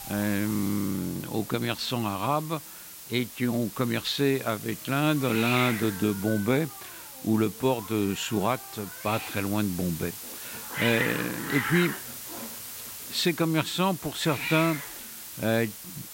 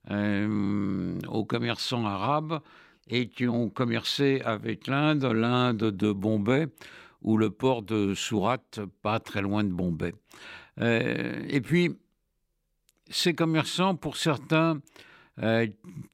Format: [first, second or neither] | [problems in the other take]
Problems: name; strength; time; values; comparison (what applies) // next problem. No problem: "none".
second | hiss; loud; throughout; 7 dB below the speech